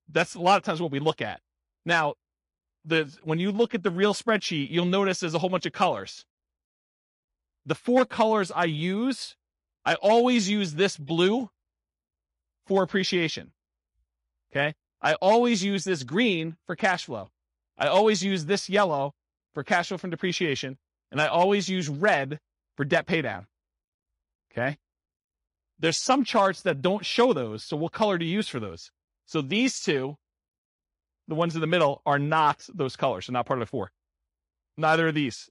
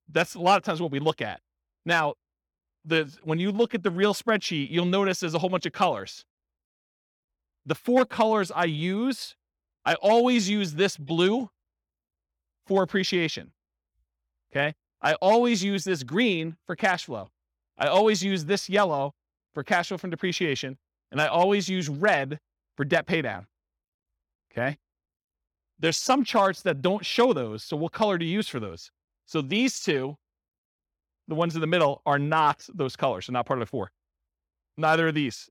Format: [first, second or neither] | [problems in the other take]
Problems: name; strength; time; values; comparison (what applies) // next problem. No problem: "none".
second | garbled, watery; slightly; nothing above 11 kHz